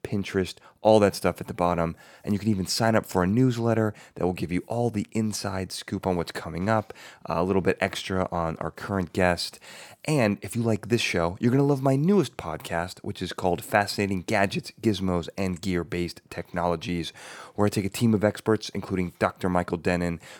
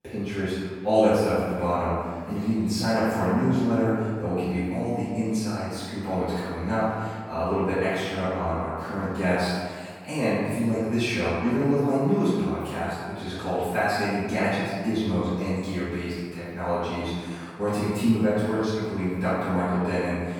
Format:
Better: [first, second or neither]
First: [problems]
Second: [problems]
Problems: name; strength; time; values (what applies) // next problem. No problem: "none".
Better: first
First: none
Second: off-mic speech; far // room echo; strong; dies away in 1.6 s